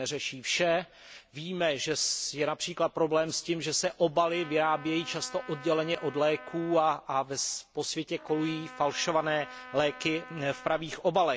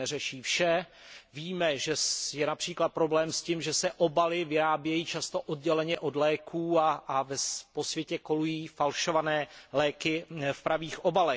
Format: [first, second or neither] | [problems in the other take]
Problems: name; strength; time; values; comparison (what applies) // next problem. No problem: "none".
second | background sound (Trumpet); 17 dB below the speech